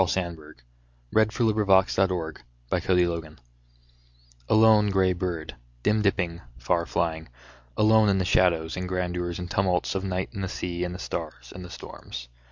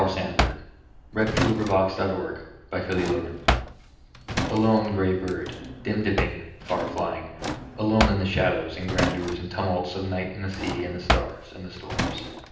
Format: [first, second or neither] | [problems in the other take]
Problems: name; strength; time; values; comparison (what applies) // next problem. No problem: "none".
first | background sound (Drawer open or close); 3 dB below the speech // room echo; dies away in 0.9 s